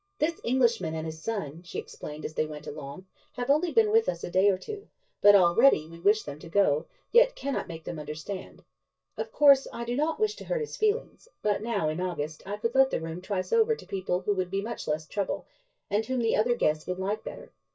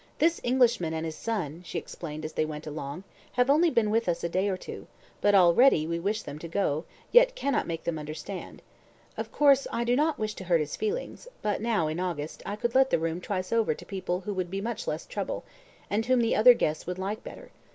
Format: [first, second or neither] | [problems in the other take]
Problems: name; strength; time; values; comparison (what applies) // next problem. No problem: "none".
second | noise reduction (neural mask model DeepFilterNet 3)